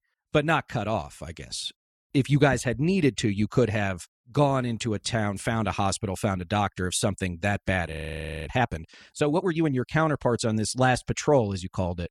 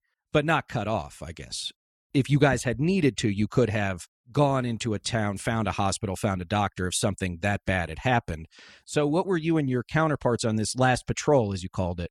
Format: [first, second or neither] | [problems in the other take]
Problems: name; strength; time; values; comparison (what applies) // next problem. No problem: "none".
second | audio freezing; at 8 s for 0.5 s